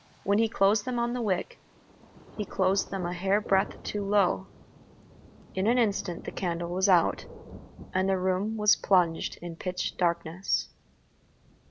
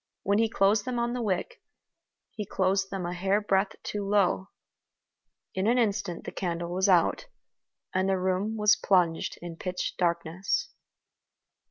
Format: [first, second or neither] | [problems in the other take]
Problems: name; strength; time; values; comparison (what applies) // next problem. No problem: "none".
second | background sound (Thunder); 19 dB below the speech